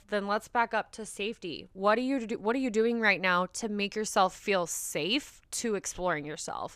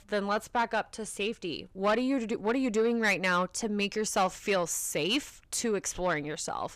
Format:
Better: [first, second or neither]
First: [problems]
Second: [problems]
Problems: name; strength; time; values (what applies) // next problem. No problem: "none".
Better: first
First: none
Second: distortion; slight; 10 dB below the speech